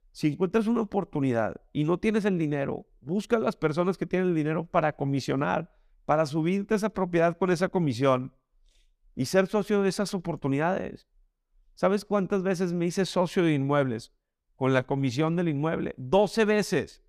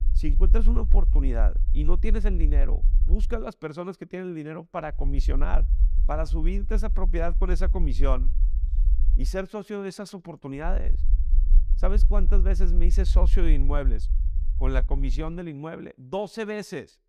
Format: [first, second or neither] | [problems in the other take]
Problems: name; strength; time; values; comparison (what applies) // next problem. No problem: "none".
first | low rumble; noticeable; until 3.5 s, from 5 to 9.5 s and from 11 to 15 s; 15 dB below the speech